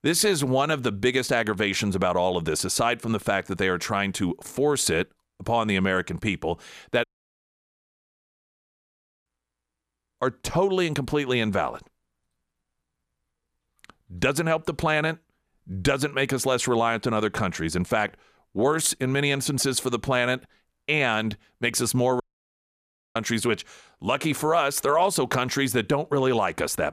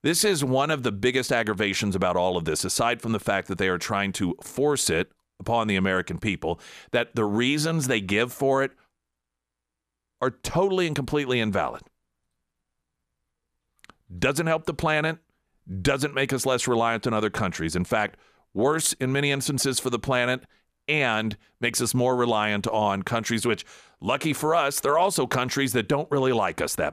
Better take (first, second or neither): second